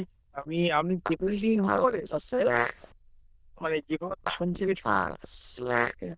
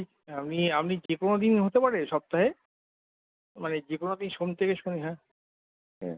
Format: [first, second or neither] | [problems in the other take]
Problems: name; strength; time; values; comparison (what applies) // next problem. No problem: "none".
second | noise reduction (neural diffusion model UNIVERSE++)